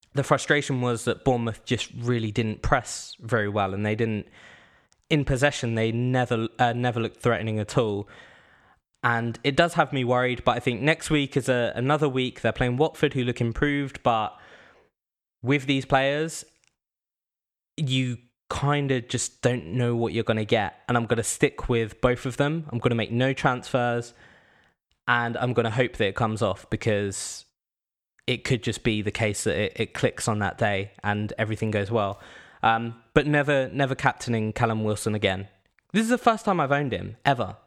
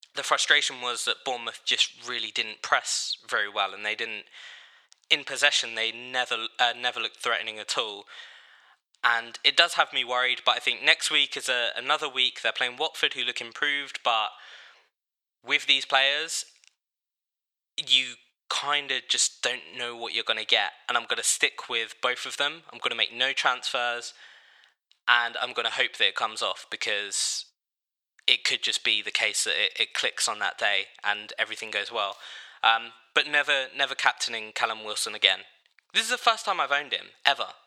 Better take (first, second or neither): first